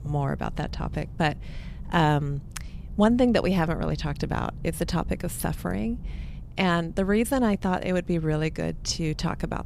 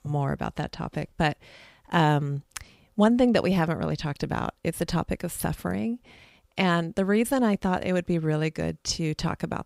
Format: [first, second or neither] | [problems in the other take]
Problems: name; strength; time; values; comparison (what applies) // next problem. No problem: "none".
second | low rumble; faint; throughout; 25 dB below the speech